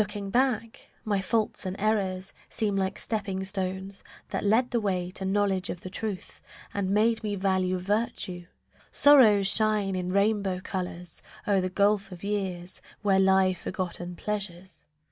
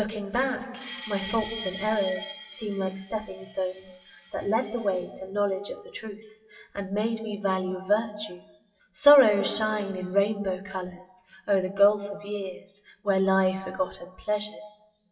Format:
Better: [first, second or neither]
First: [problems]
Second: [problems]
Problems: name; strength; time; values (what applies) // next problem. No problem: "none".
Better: first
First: none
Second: noise reduction (classical method WPE with log-MMSE)